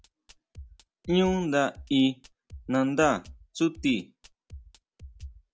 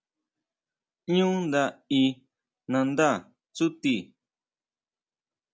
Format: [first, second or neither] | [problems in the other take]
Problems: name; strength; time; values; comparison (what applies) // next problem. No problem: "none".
second | background sound (Drum kit); 20 dB below the speech